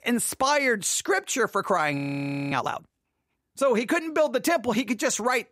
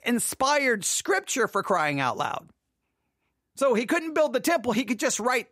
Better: second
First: audio freezing; at 2 s for 0.5 s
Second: none

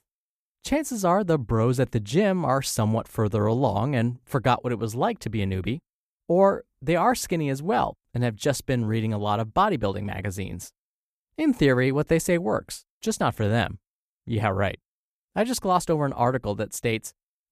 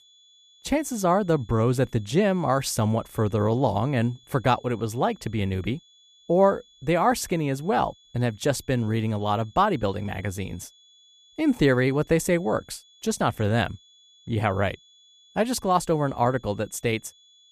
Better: first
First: none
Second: high-pitched whine; faint; throughout; 3.5 kHz, 30 dB below the speech

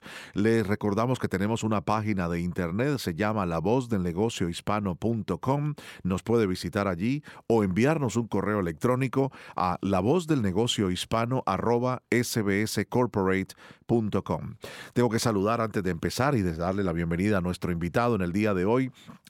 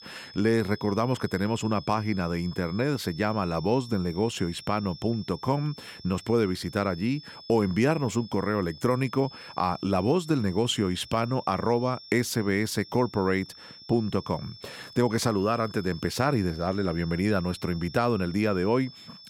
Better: first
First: none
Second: high-pitched whine; noticeable; throughout; 5.5 kHz, 15 dB below the speech

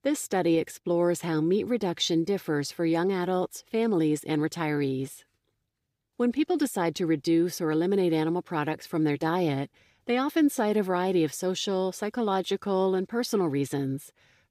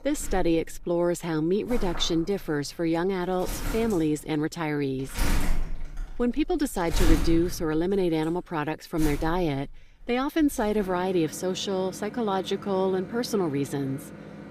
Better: first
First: none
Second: household noises; loud; throughout; 9 dB below the speech

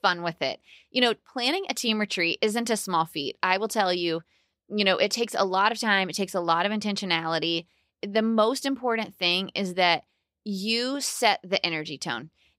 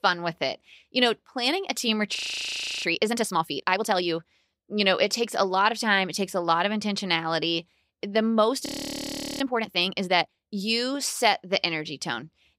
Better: first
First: none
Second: audio freezing; at 2 s for 0.5 s and at 8.5 s for 0.5 s

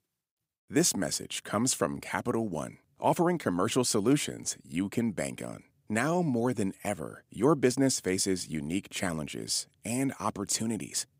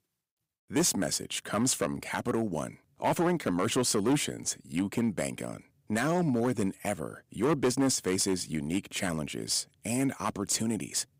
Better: first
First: none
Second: distortion; slight; 4% of the sound clipped

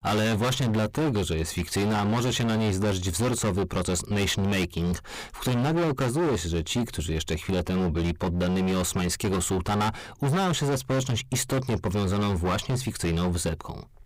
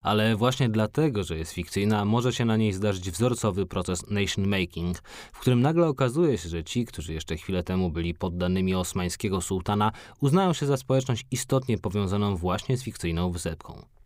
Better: second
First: distortion; heavy; 28% of the sound clipped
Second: none

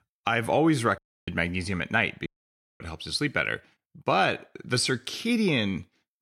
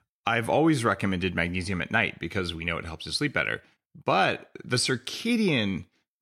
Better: second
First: audio cutting out; at 1 s and at 2.5 s for 0.5 s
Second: none

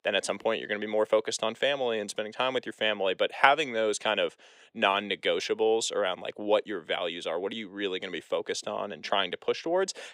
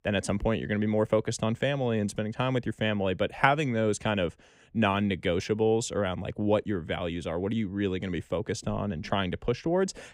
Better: second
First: thin; somewhat; fading below 500 Hz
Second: none

